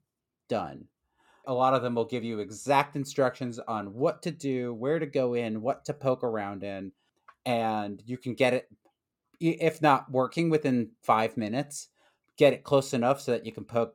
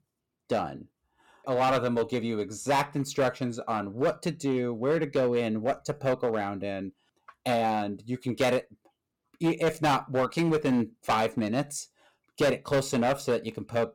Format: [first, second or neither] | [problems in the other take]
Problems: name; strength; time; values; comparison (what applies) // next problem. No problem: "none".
first | distortion; heavy; 7% of the sound clipped